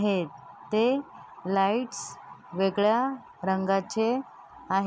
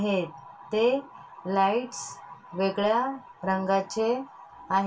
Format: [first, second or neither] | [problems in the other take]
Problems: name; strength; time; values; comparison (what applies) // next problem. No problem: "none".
first | room echo; dies away in 0.2 s